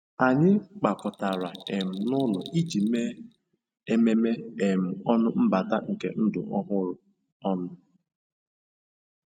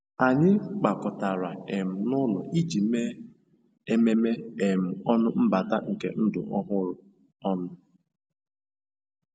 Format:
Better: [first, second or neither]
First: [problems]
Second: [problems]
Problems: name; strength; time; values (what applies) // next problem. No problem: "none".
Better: second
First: noise reduction (neural mask model RNNoise)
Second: none